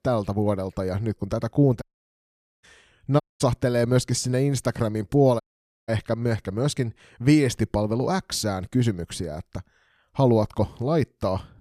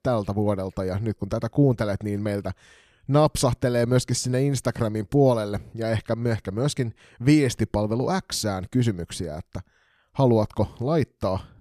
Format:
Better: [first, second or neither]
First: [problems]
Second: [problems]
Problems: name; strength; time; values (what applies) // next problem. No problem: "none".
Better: second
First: audio cutting out; at 2 s for 1 s, at 3 s and at 5.5 s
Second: none